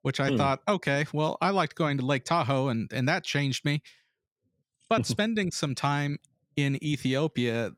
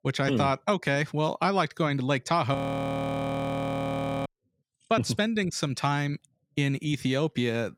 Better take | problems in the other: first | audio freezing; at 2.5 s for 1.5 s

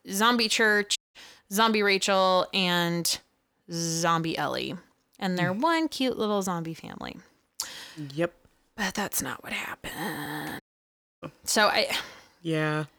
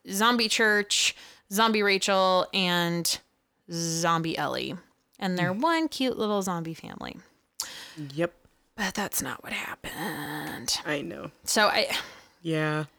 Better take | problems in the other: second | audio cutting out; at 1 s and at 11 s for 0.5 s

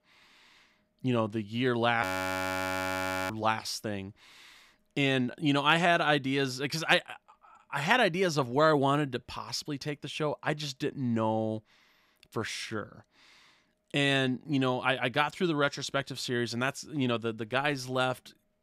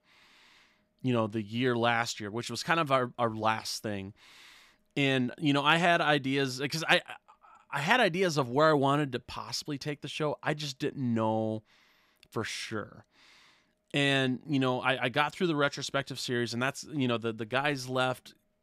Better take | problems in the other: second | audio freezing; at 2 s for 1.5 s

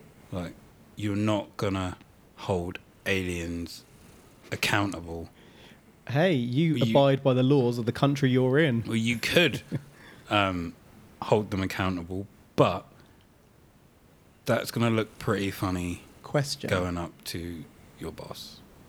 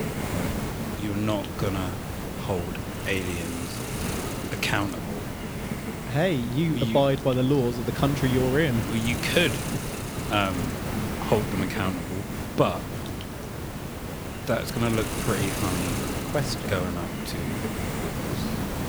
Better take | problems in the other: first | hiss; loud; throughout; 4 dB below the speech; faint in the first

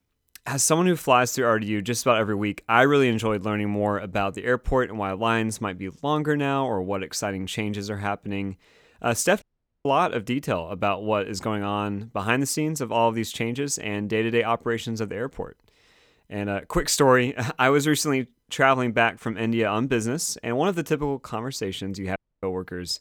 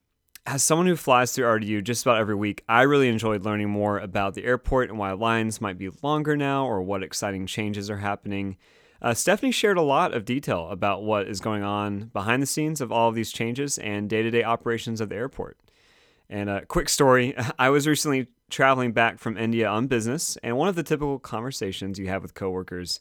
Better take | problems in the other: second | audio cutting out; at 9.5 s and at 22 s

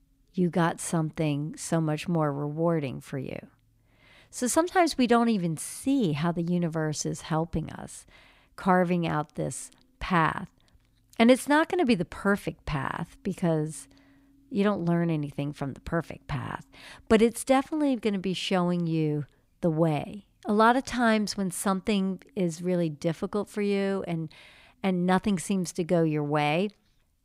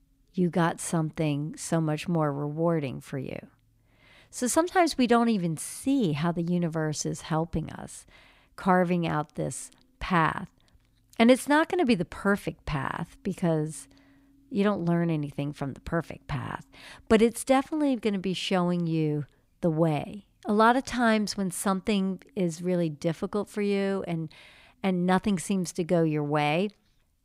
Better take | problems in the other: neither | none

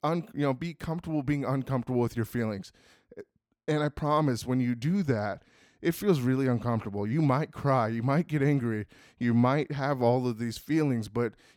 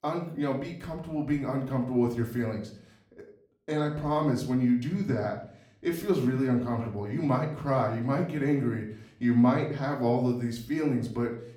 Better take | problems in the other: first | room echo; slight; dies away in 0.4 s // off-mic speech; somewhat distant

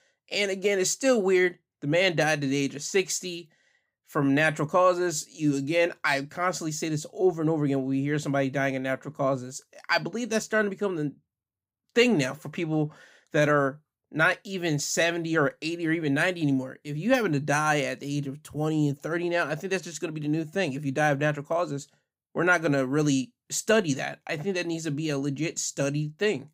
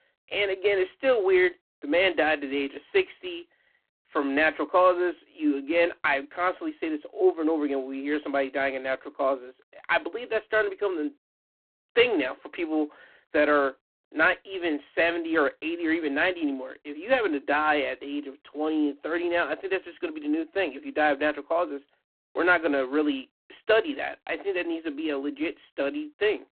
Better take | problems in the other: first | phone-call audio; poor line; nothing above 4 kHz

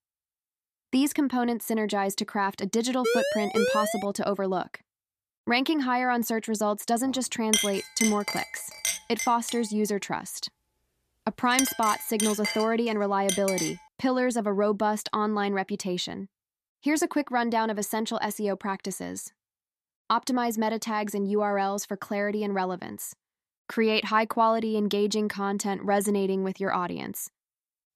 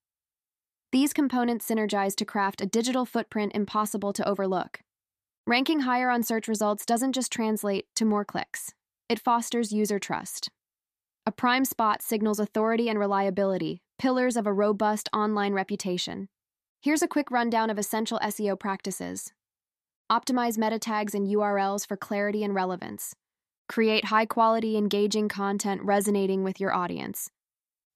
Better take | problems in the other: second | siren; loud; from 3 to 4 s; peak 1 dB above the speech // clattering dishes; loud; from 7.5 to 14 s; peak 2 dB above the speech

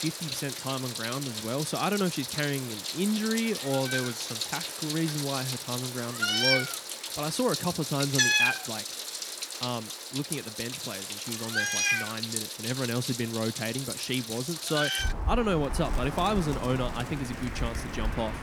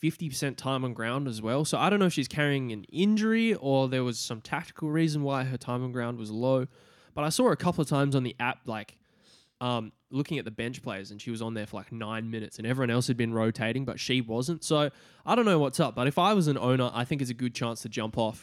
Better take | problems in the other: second | animal sounds; very loud; throughout; 1 dB above the speech

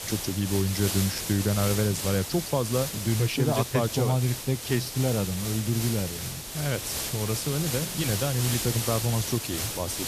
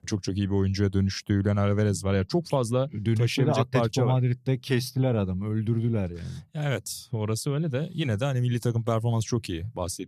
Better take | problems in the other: second | hiss; loud; throughout; 4 dB below the speech

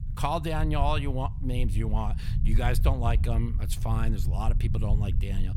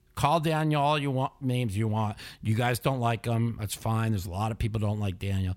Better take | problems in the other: second | low rumble; noticeable; throughout; 10 dB below the speech

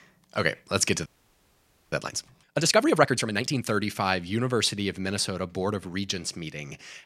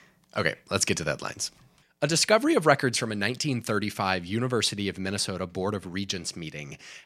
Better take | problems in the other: second | audio freezing; at 1 s for 1 s

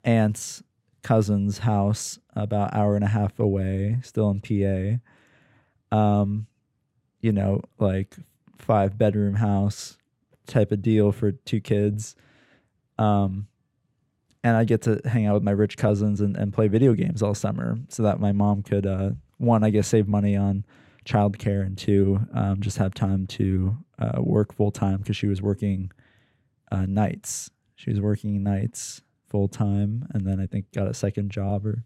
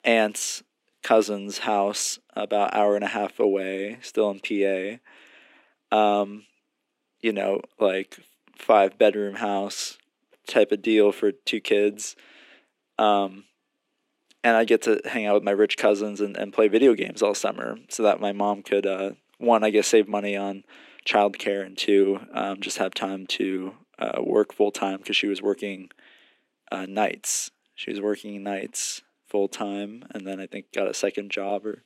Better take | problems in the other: first | thin; very; fading below 300 Hz

